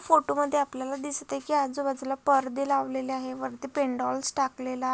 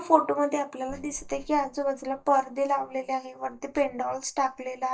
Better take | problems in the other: first | noise reduction (neural mask model DeepFilterNet 3)

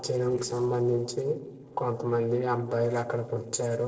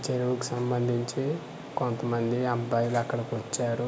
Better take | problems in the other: second | noise reduction (neural separator model SepFormer DNS4)

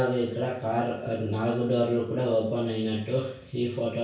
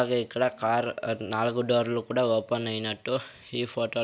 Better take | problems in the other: second | room echo; dies away in 0.6 s

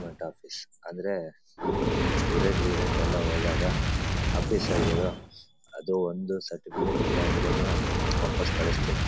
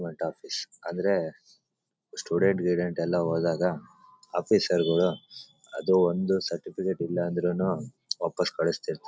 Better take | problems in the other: second | background sound (Fire); 5 dB above the speech

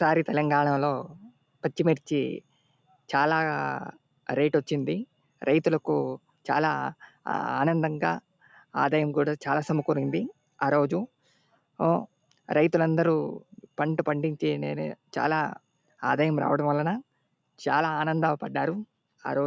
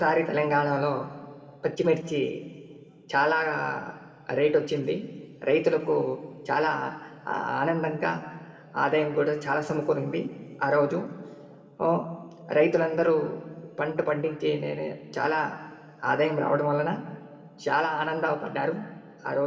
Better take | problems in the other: first | room echo; dies away in 2.6 s

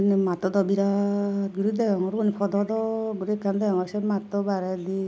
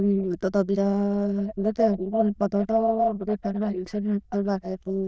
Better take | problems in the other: first | noise reduction (neural diffusion model UNIVERSE++)

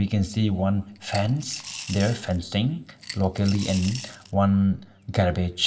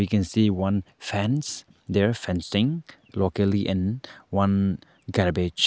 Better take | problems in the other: second | background sound (Coin (dropping) / Glass); 15 dB below the speech // room echo; dies away in 0.7 s

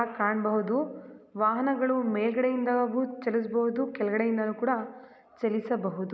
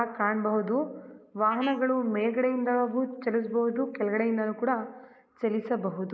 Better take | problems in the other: first | noise reduction (neural mask model Resemble Enhance denoiser)

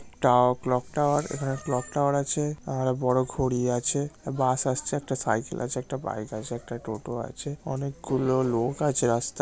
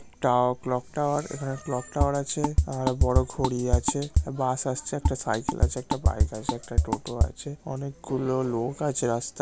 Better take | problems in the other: first | background sound (Drum kit); 3 dB above the speech

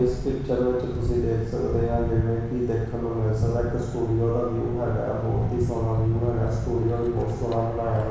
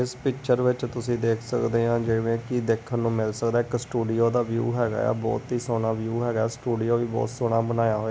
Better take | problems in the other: second | background sound (Thunder / Bicycle); 5 dB below the speech // room echo; dies away in 1.1 s

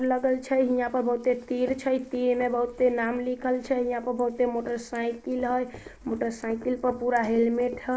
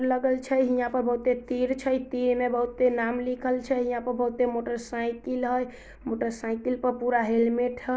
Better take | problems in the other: second | noise reduction (neural mask model Resemble Enhance denoiser)

